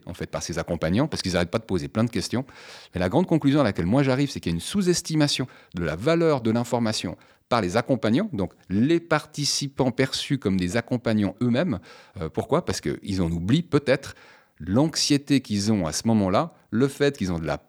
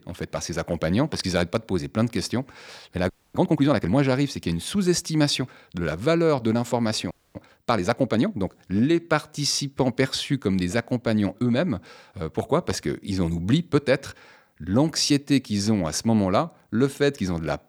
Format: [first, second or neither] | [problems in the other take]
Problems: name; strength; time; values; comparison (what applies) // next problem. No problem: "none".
first | audio freezing; at 3 s and at 7 s